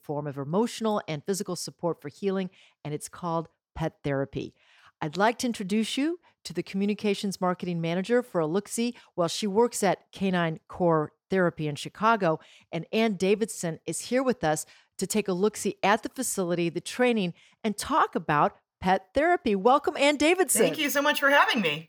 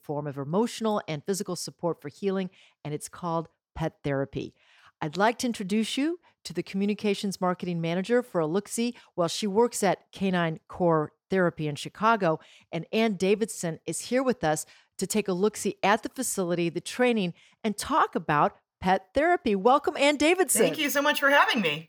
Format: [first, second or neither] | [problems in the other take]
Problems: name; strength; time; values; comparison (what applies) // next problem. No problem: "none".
neither | none